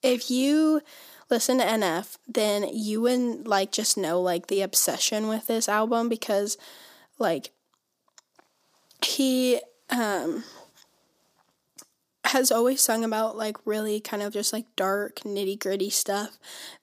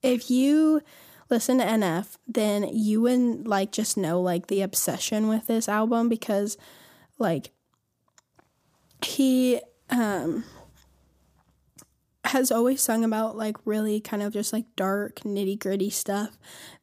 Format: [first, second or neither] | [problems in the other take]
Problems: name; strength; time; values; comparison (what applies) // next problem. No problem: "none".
second | thin; very slightly; fading below 300 Hz